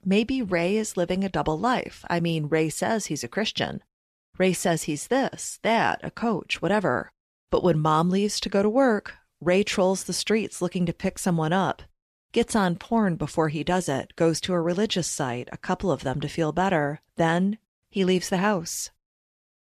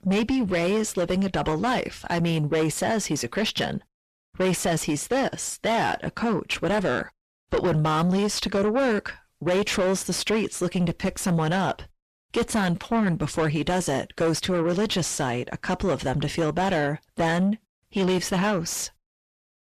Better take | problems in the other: first | distortion; heavy; 6 dB below the speech

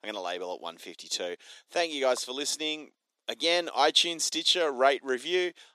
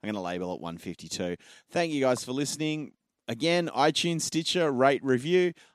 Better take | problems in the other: second | thin; somewhat; fading below 400 Hz

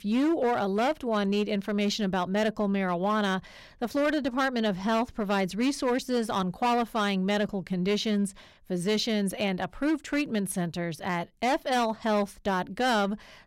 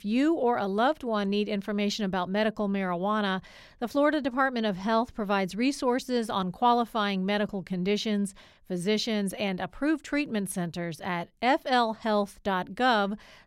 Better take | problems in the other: second | distortion; slight; 9% of the sound clipped

